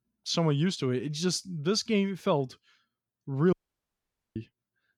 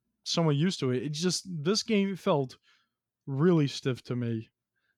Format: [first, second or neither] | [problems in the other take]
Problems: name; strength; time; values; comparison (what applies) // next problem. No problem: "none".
second | audio cutting out; at 3.5 s for 1 s